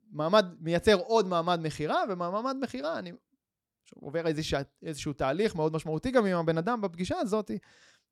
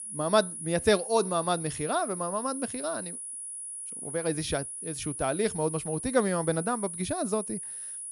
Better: first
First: none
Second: high-pitched whine; loud; throughout; 10.5 kHz, 6 dB below the speech

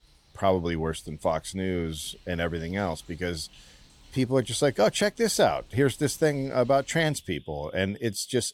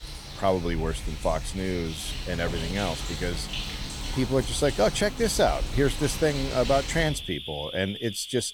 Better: first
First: animal sounds; faint; throughout; 30 dB below the speech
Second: animal sounds; loud; throughout; 7 dB below the speech

